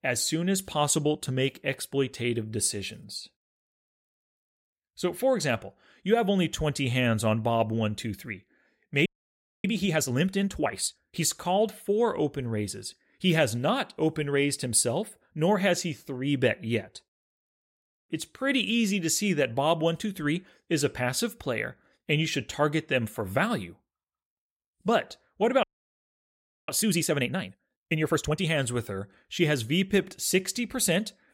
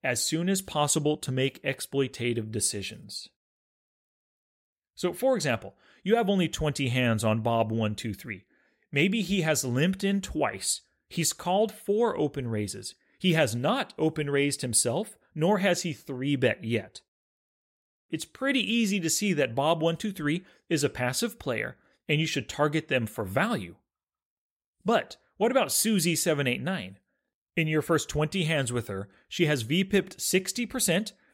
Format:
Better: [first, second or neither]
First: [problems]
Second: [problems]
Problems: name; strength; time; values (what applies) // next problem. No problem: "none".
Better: second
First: audio freezing; at 9 s for 0.5 s and at 26 s for 1 s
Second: none